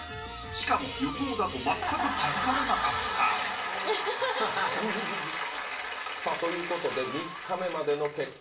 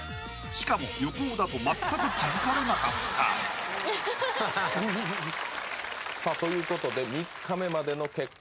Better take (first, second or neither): second